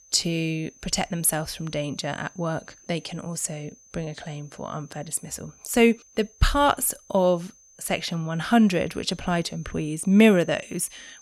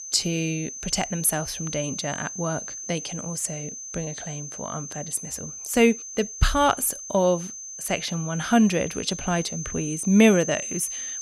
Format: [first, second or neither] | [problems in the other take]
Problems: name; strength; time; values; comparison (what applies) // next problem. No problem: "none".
first | high-pitched whine; loud; throughout; 6 kHz, 9 dB below the speech; faint in the first